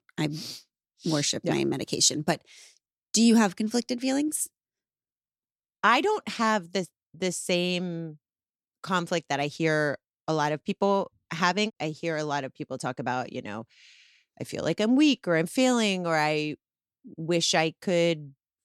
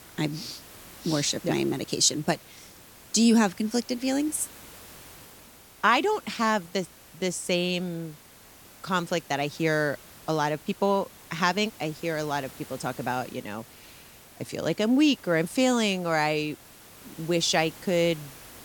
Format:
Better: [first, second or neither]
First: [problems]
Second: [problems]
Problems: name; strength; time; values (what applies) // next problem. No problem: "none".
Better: first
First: none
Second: hiss; faint; throughout; 20 dB below the speech